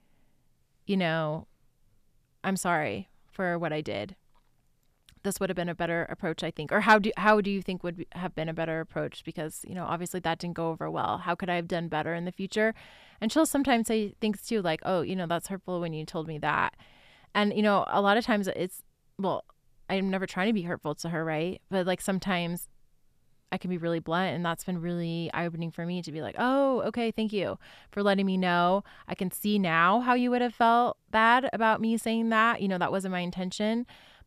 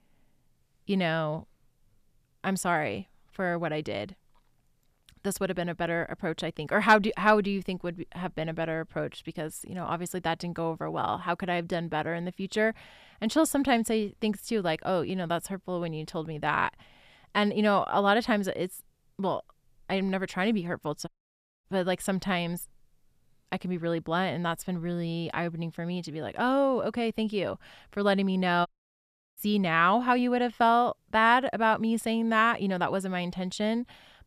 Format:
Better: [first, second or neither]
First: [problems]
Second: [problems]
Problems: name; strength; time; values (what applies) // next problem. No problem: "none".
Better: first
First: none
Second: audio cutting out; at 21 s for 0.5 s and at 29 s for 0.5 s